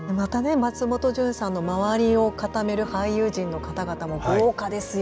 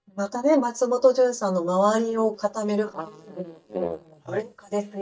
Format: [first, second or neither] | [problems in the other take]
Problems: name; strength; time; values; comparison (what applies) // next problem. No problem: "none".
first | noise reduction (neural mask model DeepFilterNet 3)